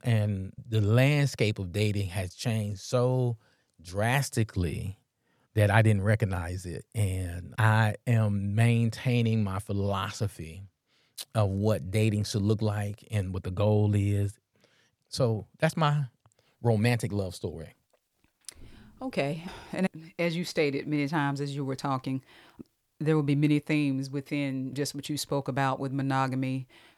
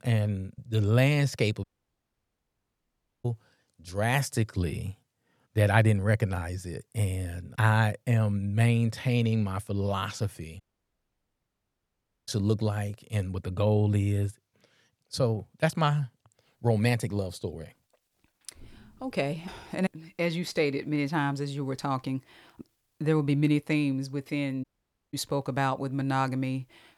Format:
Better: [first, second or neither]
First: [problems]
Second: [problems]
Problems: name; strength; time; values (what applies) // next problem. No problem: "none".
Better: first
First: none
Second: audio cutting out; at 1.5 s for 1.5 s, at 11 s for 1.5 s and at 25 s